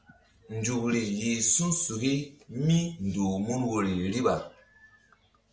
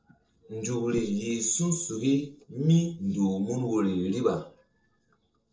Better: first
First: none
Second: noise reduction (neural separator model SepFormer DNS4)

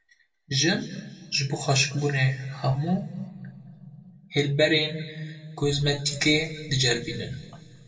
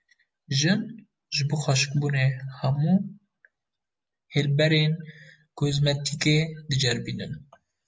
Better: second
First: room echo; dies away in 1.9 s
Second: none

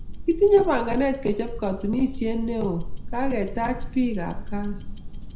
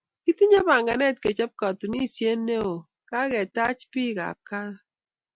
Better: second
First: background sound (Tick-tock); 5 dB below the speech // room echo; dies away in 0.5 s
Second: none

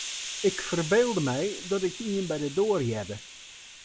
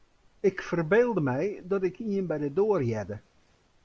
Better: second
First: background sound (Hiss); 11 dB below the speech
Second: none

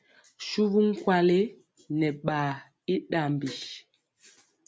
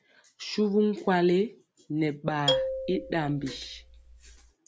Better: first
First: none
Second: background sound (Marimba, xylophone); 4 dB below the speech

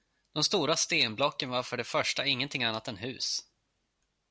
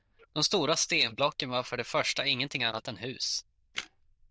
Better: first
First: none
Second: noise reduction (neural diffusion model UNIVERSE++)

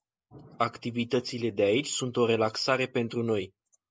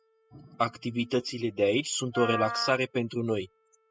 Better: first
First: none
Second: noise reduction (classical method spectral subtraction)

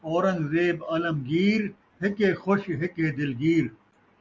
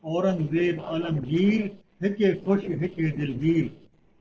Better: first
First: none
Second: noise reduction (neural separator model SepFormer DNS4)

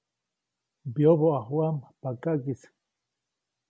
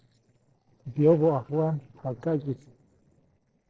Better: first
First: none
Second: noise reduction (neural separator model SepFormer DNS4)

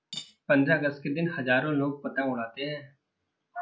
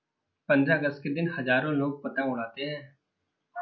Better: second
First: background sound (Cutlery, silverware / Dishes, pots, and pans); 20 dB below the speech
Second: none

